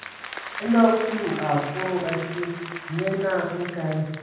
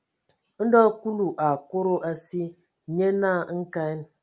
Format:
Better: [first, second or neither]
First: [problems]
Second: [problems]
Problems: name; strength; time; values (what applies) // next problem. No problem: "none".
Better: second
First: background sound (Applause); 11 dB below the speech // room echo; dies away in 1.2 s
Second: none